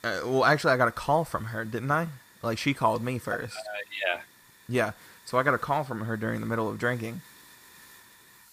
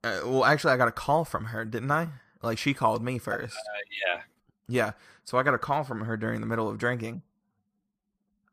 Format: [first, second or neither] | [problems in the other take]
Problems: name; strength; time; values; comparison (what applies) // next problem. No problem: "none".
second | hiss; faint; throughout; 25 dB below the speech